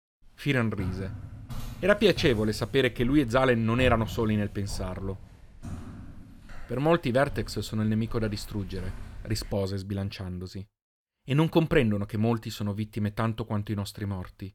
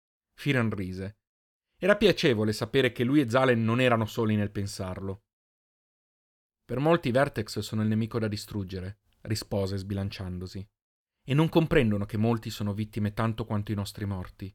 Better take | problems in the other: second | footsteps; noticeable; from 1 to 9.5 s; peak 7 dB below the speech

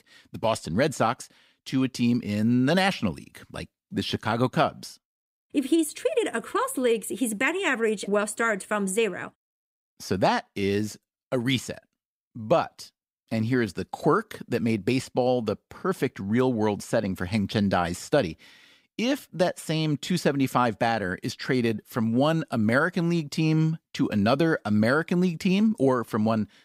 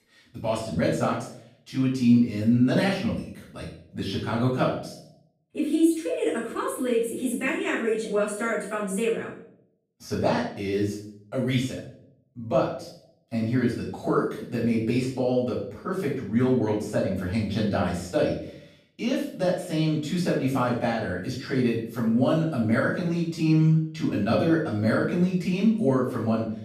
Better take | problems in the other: first | off-mic speech; far // room echo; noticeable; dies away in 0.5 s

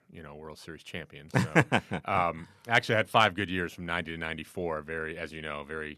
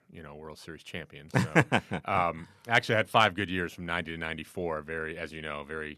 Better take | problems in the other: neither | none

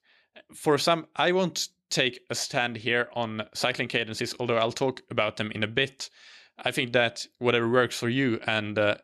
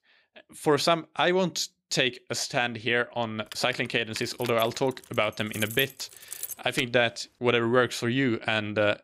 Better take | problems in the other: first | jangling keys; noticeable; from 3.5 to 7 s; peak 9 dB below the speech

